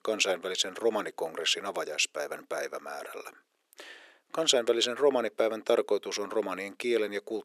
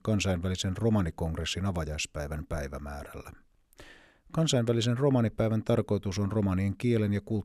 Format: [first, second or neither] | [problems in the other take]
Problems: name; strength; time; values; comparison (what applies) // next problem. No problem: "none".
second | thin; very; fading below 400 Hz